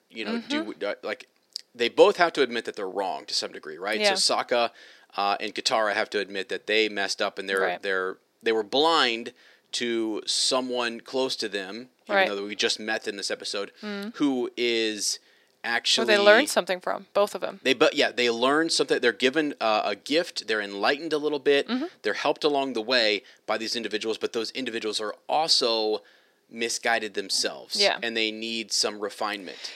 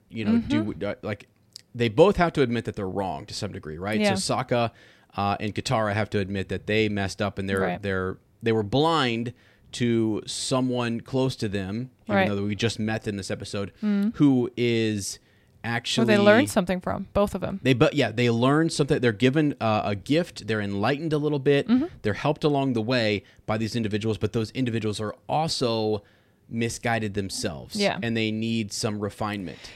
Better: second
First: thin; somewhat; fading below 350 Hz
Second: none

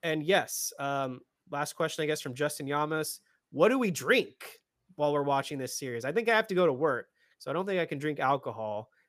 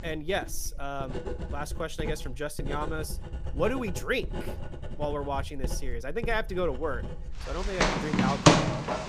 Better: first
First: none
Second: household noises; very loud; throughout; 2 dB above the speech

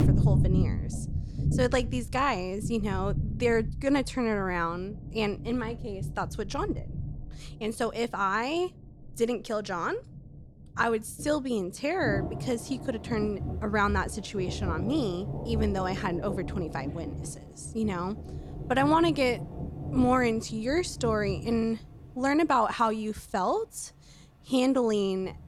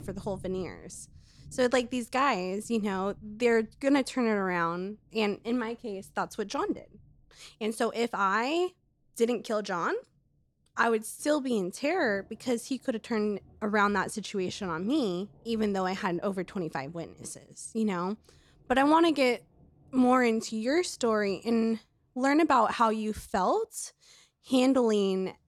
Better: second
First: rain or running water; loud; throughout; 5 dB below the speech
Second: rain or running water; faint; throughout; 30 dB below the speech

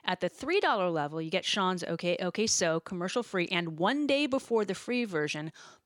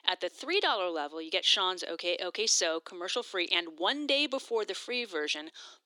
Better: first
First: none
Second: thin; somewhat; fading below 300 Hz

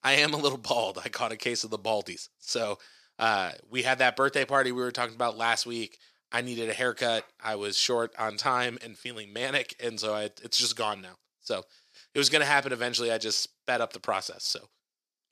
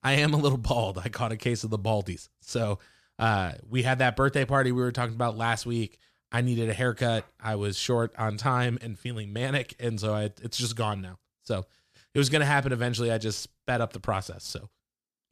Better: second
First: thin; somewhat; fading below 350 Hz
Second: none

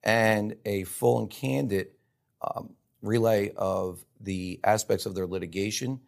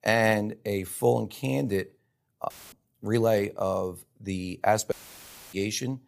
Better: first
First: none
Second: audio cutting out; filled with static; at 2.5 s and at 5 s for 0.5 s

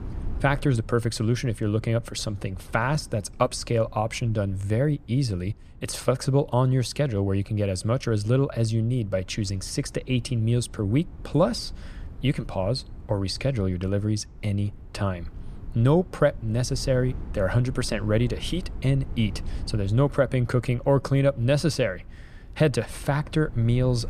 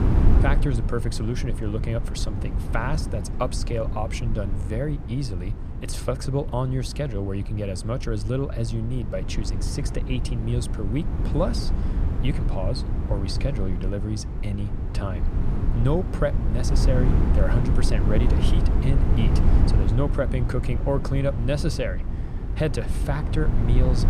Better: first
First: low rumble; faint; throughout; 25 dB below the speech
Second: low rumble; loud; throughout; 6 dB below the speech

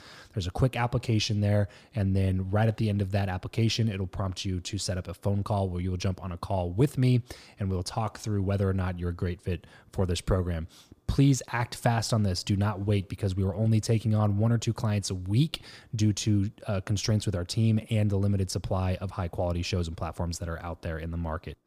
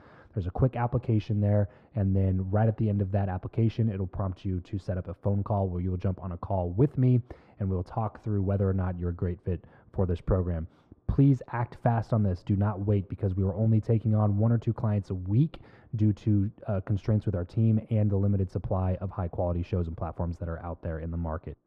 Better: first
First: none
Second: muffled; very; fading above 3 kHz

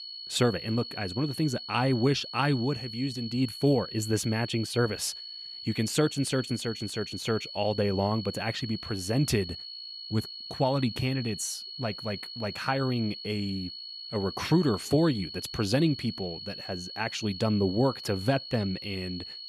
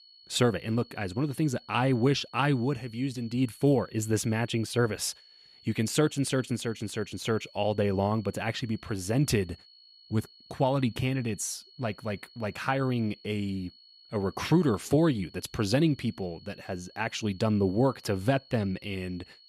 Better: second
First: high-pitched whine; loud; throughout; 4.5 kHz, 9 dB below the speech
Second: high-pitched whine; faint; throughout; 4.5 kHz, 25 dB below the speech

